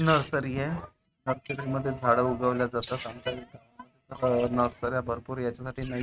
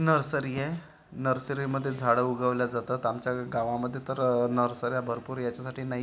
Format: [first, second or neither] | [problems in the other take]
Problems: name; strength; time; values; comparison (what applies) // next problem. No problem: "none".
second | noise reduction (neural mask model RNNoise)